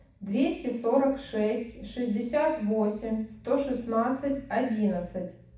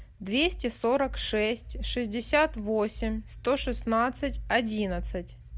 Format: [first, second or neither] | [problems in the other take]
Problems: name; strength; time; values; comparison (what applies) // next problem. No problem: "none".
second | room echo; dies away in 0.7 s